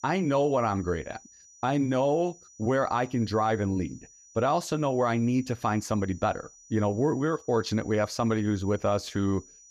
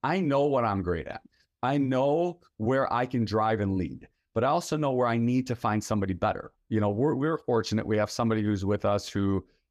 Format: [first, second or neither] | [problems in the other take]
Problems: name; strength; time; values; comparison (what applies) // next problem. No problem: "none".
second | high-pitched whine; faint; throughout; 6 kHz, 25 dB below the speech